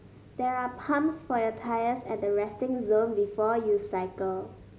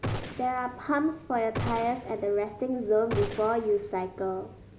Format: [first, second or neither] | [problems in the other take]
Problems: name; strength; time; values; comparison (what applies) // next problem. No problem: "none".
first | background sound (Gunshot, gunfire); 9 dB below the speech